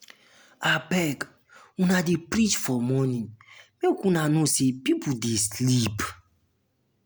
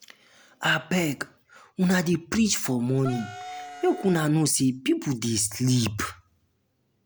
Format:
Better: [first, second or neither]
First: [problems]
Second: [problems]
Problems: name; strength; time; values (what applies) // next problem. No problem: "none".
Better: first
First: none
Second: background sound (Wind instrument, woodwind instrument); 13 dB below the speech